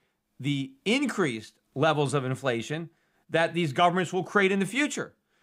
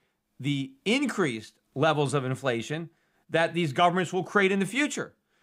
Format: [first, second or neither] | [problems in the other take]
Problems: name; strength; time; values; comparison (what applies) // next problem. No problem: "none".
neither | none